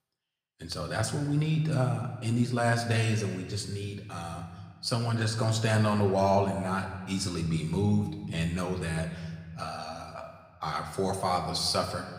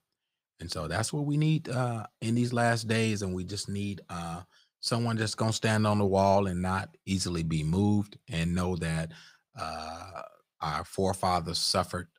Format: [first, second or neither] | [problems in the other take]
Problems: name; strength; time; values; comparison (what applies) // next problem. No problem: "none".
second | room echo; slight; dies away in 1.3 s